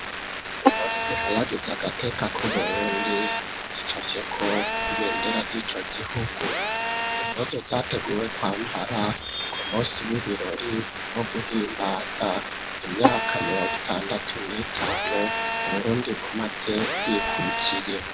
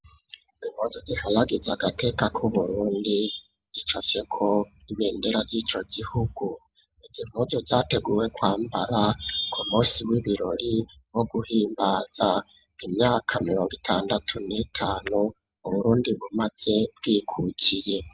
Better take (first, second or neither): second